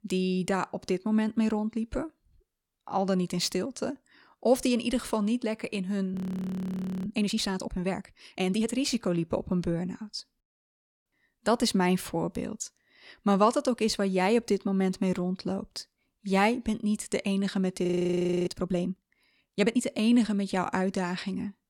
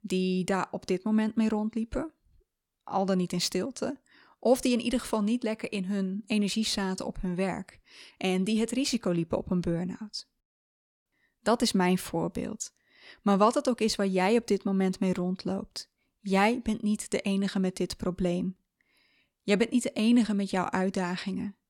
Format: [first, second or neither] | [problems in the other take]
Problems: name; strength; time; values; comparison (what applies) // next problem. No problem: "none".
second | audio freezing; at 6 s for 1 s and at 18 s for 0.5 s